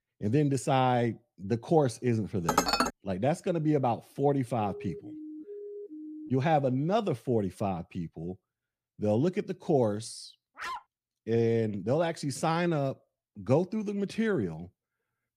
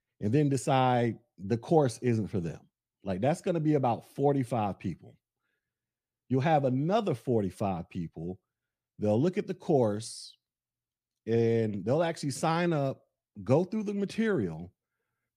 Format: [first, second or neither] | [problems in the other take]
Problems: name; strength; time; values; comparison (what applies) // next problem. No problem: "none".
second | clattering dishes; loud; at 2.5 s; peak 3 dB above the speech // siren; faint; from 4.5 to 6.5 s; peak 15 dB below the speech // dog barking; noticeable; at 11 s; peak 9 dB below the speech